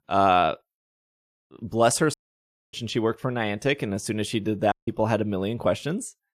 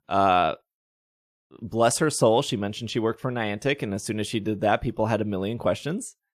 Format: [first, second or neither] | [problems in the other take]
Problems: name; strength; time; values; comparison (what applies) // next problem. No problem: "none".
second | audio cutting out; at 2 s for 0.5 s and at 4.5 s